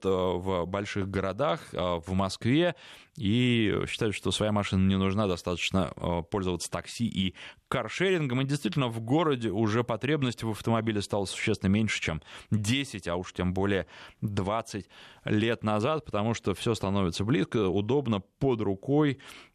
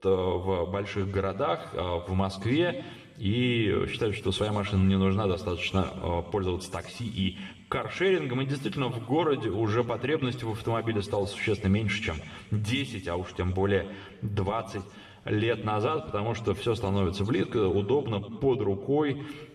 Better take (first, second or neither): first